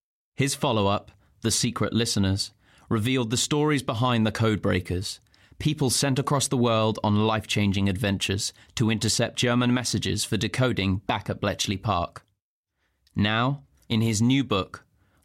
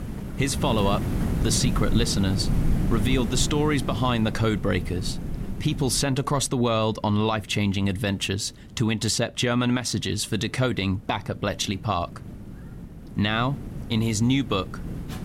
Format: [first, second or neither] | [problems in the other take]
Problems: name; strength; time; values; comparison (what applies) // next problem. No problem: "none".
first | wind noise on the microphone; occasional gusts; 10 dB below the speech